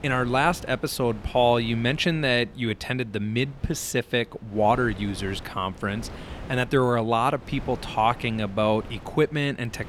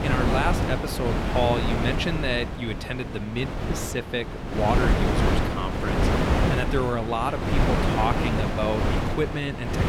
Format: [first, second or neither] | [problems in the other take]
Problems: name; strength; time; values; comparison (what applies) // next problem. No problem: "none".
first | wind noise on the microphone; heavy; 1 dB below the speech; occasional gusts in the first